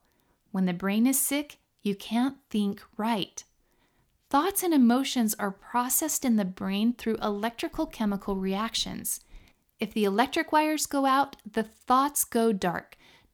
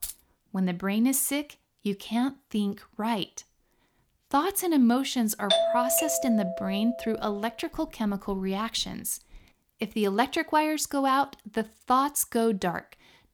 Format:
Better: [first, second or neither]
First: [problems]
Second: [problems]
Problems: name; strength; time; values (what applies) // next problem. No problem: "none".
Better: first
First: none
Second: jangling keys; noticeable; at the start; peak 9 dB below the speech // doorbell; loud; from 5.5 to 7 s; peak 4 dB above the speech